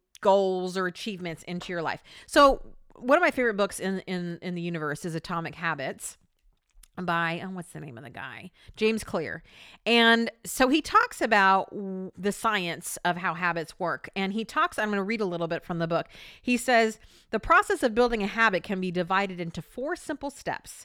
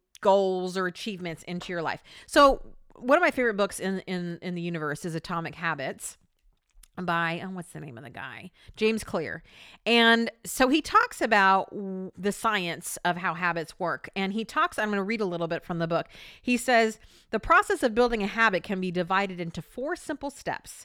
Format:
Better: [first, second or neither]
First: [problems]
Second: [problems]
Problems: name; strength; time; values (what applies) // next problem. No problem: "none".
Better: neither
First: none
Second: none